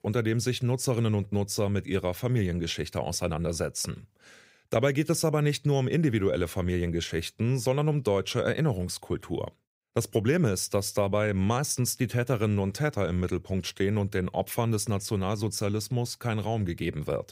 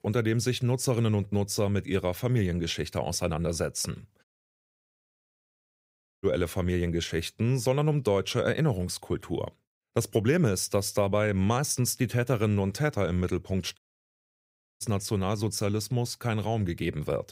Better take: first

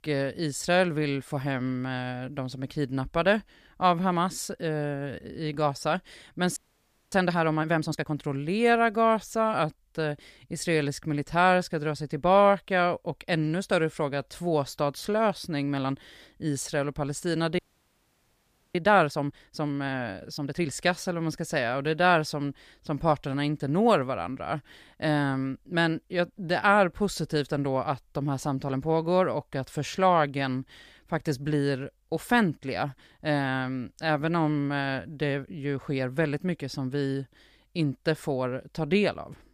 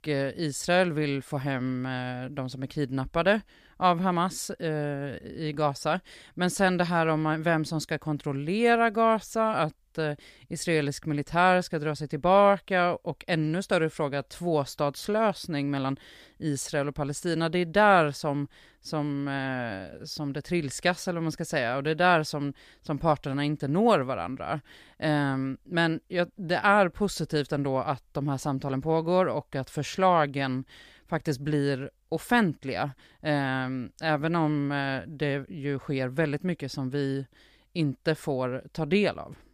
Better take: second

